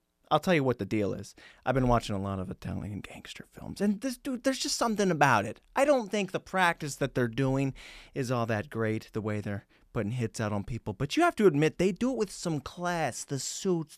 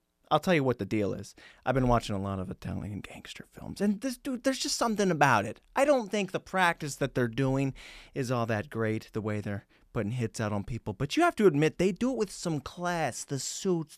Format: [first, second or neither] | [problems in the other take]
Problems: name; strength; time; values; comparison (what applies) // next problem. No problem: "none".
neither | none